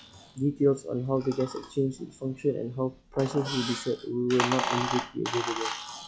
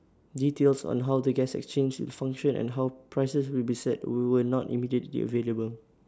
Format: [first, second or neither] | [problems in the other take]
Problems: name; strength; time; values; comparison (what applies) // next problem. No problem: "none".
second | noise reduction (classical method log-MMSE)